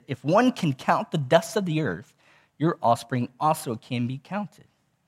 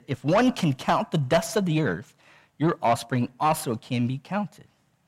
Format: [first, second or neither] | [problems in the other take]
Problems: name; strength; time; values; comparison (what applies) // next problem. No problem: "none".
first | distortion; slight; 10 dB below the speech